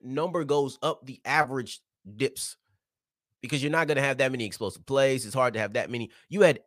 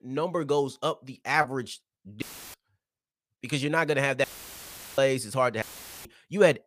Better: first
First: none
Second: audio cutting out; filled with static; at 2 s, at 4 s for 0.5 s and at 5.5 s

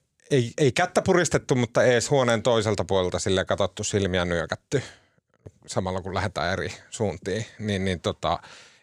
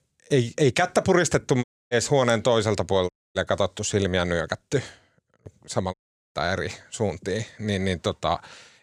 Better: first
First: none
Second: audio cutting out; at 1.5 s, at 3 s and at 6 s

